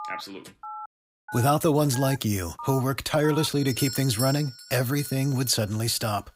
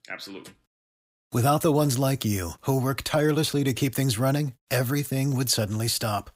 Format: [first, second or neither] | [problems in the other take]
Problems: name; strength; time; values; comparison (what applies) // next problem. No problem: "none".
second | alarms or sirens; noticeable; throughout; 10 dB below the speech